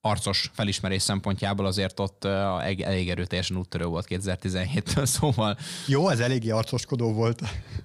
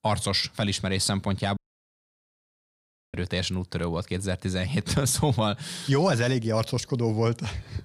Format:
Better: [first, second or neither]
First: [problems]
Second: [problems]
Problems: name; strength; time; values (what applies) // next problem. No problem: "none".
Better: first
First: none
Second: audio cutting out; at 1.5 s for 1.5 s